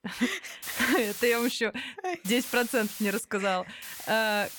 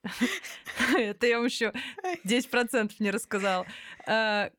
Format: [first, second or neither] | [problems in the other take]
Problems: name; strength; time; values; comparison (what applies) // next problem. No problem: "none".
second | hiss; loud; at 0.5 s, at 2.5 s and at 4 s; 9 dB below the speech